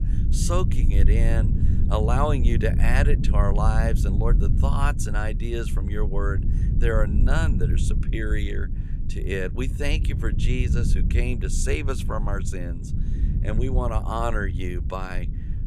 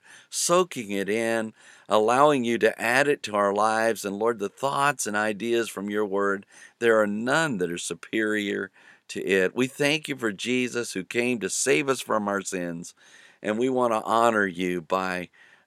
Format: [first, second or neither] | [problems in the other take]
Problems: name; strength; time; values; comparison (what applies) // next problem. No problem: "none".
second | low rumble; loud; throughout; 9 dB below the speech